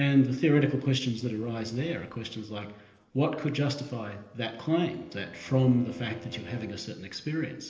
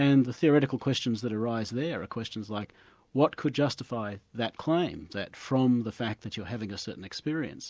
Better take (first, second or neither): second